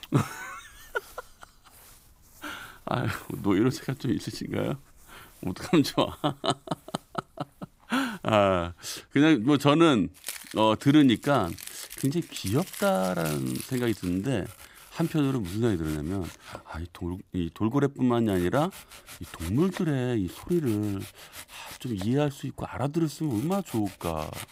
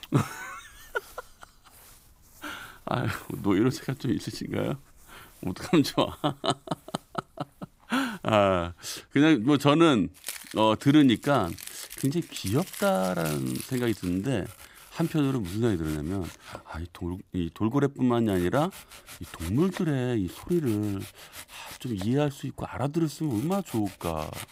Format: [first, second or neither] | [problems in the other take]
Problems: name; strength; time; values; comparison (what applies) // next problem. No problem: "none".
neither | household noises; noticeable; throughout; 15 dB below the speech; the same in both